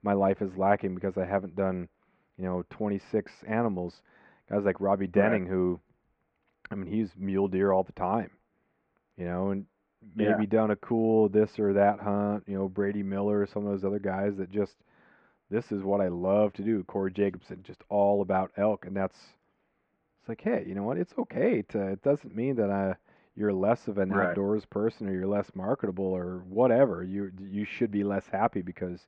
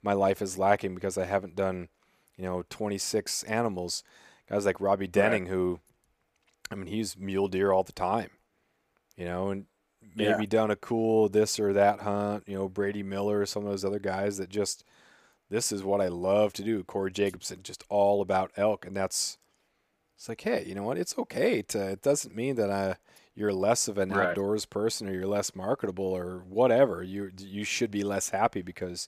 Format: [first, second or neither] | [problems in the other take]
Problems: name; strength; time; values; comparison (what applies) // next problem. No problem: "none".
second | muffled; very; fading above 2 kHz